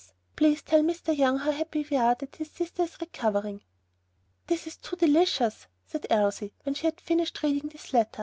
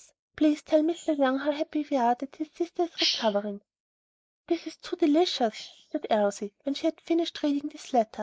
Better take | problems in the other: first | noise reduction (neural mask model Resemble Enhance denoiser)

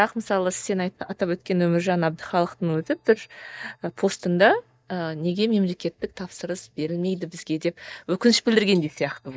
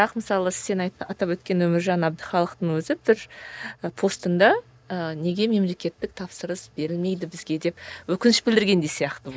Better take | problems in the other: second | noise reduction (neural mask model DeepFilterNet 3)

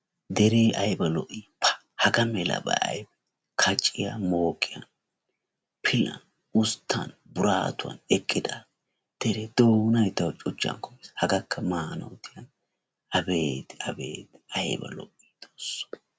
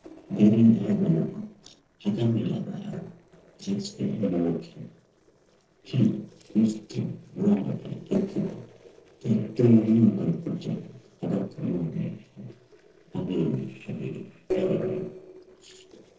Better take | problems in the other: first | noise reduction (neural separator model SepFormer DNS4)

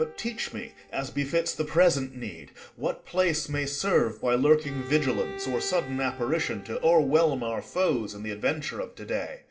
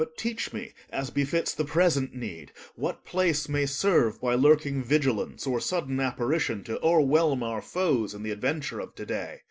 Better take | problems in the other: second | background sound (Bowed string instrument); 18 dB below the speech // room echo; dies away in 0.4 s

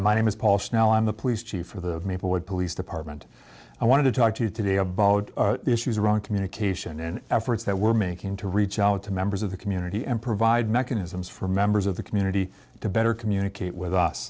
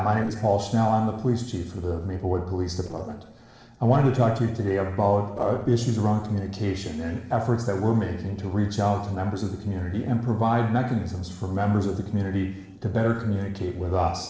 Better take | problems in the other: first | noise reduction (neural separator model SepFormer DNS4)

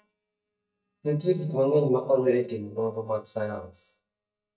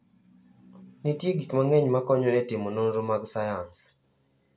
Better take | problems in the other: second | noise reduction (neural mask model DeepFilterNet 3)

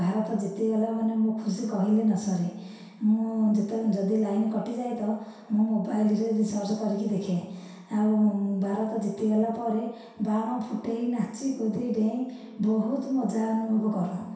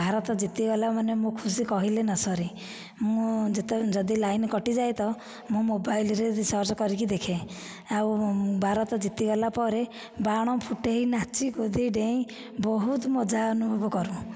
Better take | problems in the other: second | room echo; dies away in 0.7 s

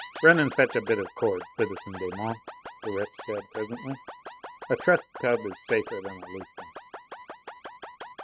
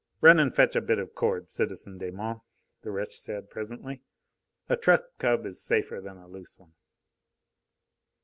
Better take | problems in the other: second | noise reduction (neural mask model RNNoise)

